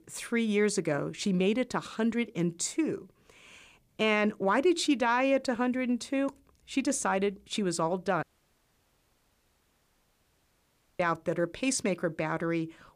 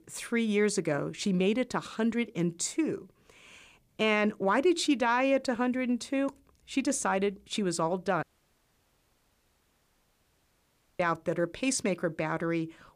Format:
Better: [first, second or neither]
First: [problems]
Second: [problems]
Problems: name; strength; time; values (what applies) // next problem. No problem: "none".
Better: neither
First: audio cutting out; at 8 s for 3 s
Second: audio cutting out; at 8 s for 3 s